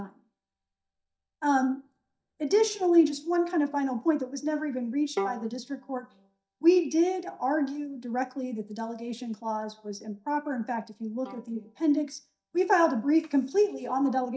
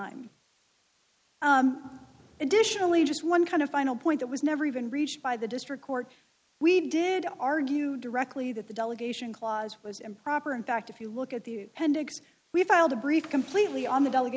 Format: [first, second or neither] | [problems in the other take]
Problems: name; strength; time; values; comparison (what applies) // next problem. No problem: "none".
second | noise reduction (neural mask model DeepFilterNet 3)